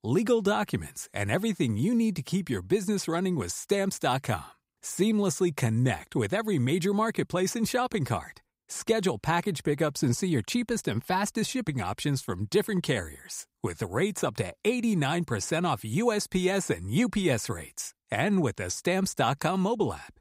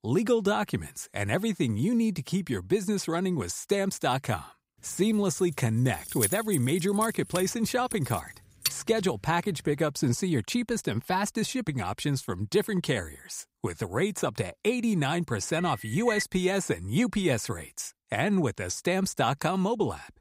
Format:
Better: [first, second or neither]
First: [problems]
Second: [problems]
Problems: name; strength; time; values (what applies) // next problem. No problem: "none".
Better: first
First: none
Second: jangling keys; noticeable; from 5.5 to 8.5 s; peak level with the speech // phone ringing; noticeable; at 16 s; peak 5 dB below the speech